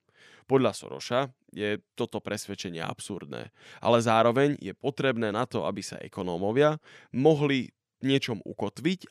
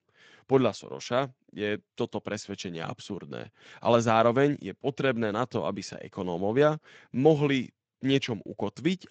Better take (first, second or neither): first